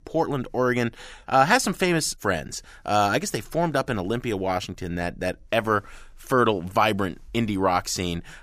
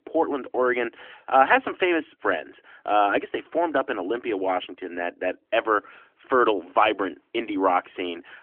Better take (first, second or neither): first